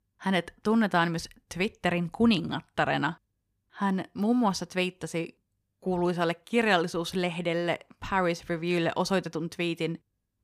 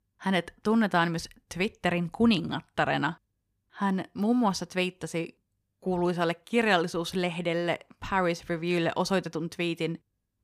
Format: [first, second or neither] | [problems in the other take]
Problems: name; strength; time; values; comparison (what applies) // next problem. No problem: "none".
neither | none